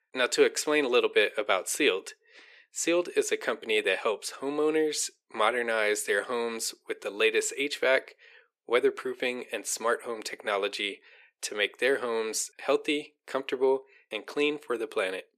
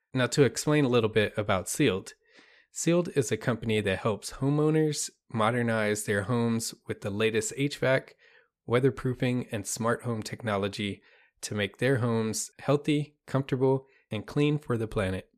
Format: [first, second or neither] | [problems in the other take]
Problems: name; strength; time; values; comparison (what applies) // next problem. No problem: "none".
second | thin; somewhat; fading below 350 Hz